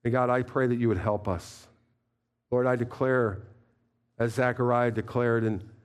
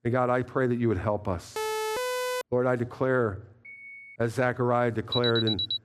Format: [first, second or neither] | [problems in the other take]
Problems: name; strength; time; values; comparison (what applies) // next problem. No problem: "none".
first | siren; noticeable; at 1.5 s; peak 2 dB below the speech // phone ringing; faint; at 3.5 s; peak 15 dB below the speech // alarm; loud; at 5 s; peak level with the speech